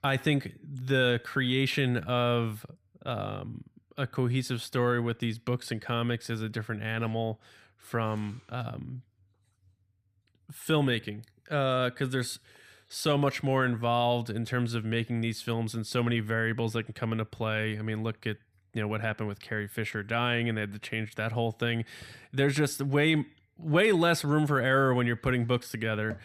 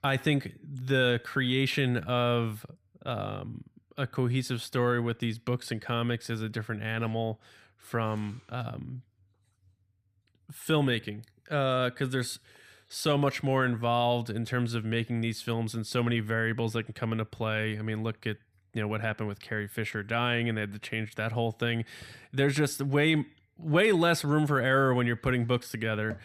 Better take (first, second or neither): neither